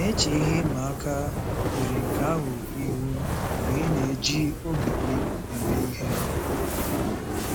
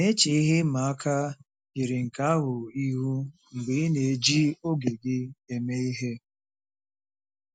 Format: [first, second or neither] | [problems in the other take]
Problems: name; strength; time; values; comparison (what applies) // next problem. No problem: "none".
second | background sound (Fire); 2 dB above the speech